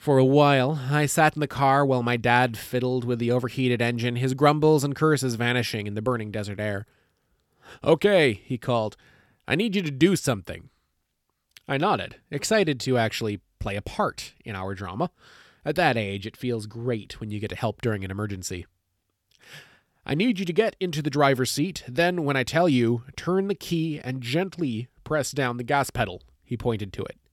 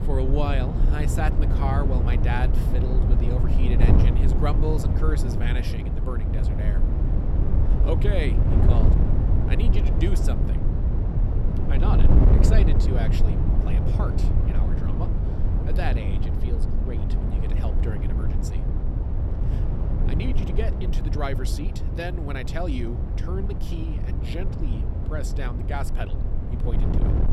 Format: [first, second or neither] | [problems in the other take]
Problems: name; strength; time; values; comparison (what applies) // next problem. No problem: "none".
first | wind noise on the microphone; heavy; 1 dB below the speech